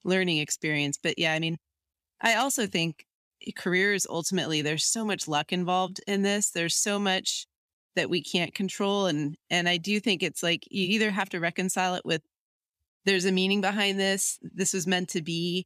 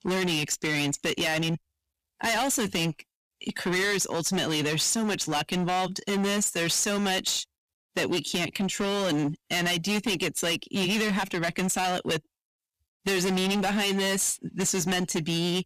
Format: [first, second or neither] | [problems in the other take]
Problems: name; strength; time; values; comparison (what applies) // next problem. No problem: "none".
first | distortion; heavy; 24% of the sound clipped